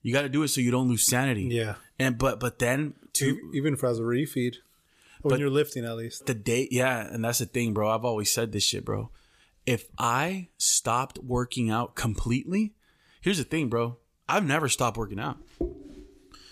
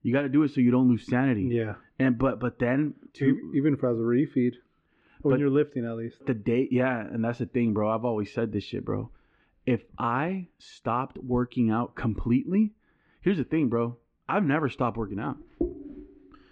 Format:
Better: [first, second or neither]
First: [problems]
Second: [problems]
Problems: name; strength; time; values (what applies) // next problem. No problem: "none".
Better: first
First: none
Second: muffled; very; fading above 2 kHz